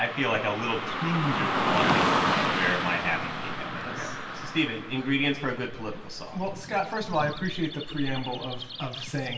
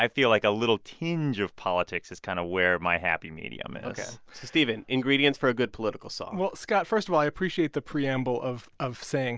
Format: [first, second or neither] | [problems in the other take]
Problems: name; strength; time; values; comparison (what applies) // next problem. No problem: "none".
second | background sound (Car passing by / Traffic noise, roadway noise); 1 dB below the speech // room echo; dies away in 0.9 s